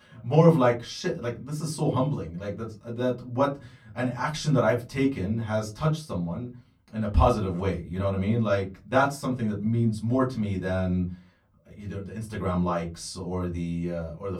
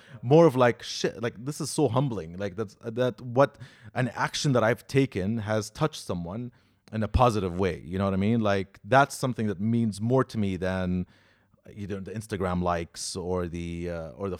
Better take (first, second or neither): second